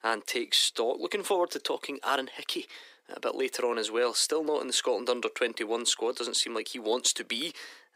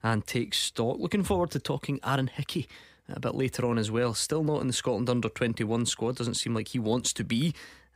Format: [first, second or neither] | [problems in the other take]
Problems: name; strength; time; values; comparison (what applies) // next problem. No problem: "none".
second | thin; very; fading below 350 Hz